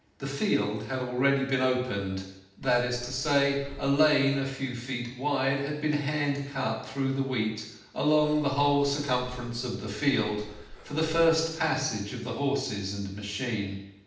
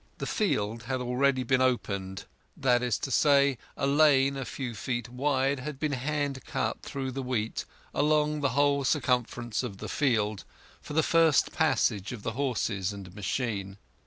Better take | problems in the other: second | background sound (Breathing); 17 dB below the speech // room echo; dies away in 0.8 s

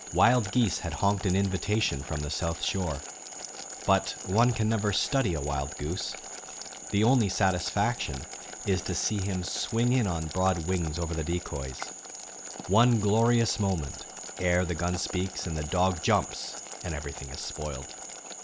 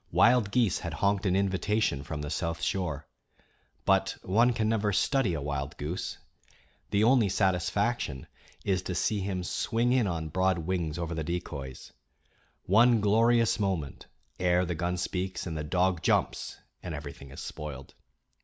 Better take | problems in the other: second | background sound (Frog + Boiling); 12 dB below the speech

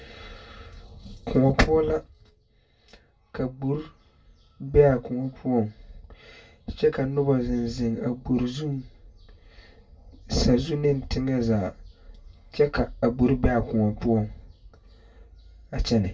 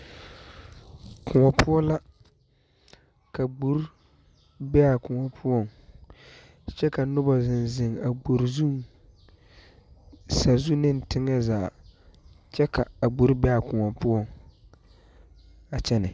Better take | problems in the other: second | room echo; dies away in 0.1 s

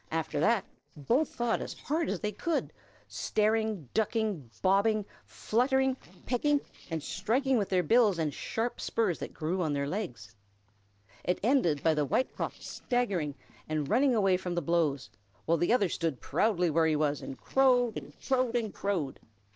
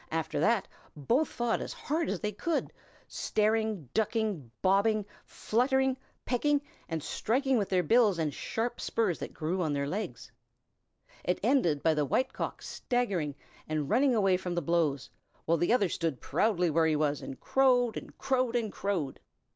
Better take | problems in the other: second | noise reduction (neural separator model SepFormer DNS4)

